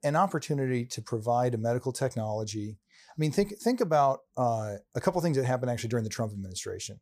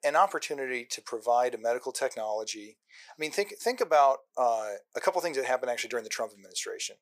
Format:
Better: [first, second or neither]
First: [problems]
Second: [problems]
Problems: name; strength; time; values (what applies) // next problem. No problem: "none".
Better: first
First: none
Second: thin; very; fading below 450 Hz